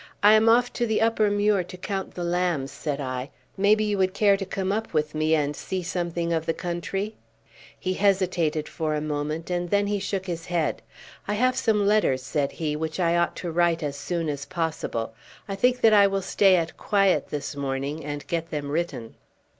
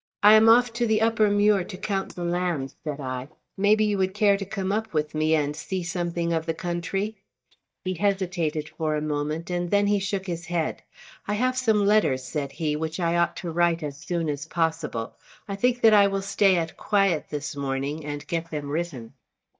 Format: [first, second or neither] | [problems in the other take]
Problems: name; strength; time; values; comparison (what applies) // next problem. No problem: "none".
first | noise reduction (neural mask model DeepFilterNet 3)